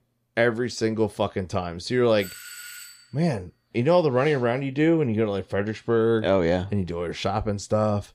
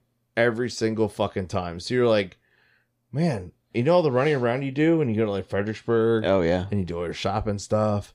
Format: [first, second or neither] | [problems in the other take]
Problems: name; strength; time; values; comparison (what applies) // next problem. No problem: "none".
second | doorbell; faint; at 2 s; peak 15 dB below the speech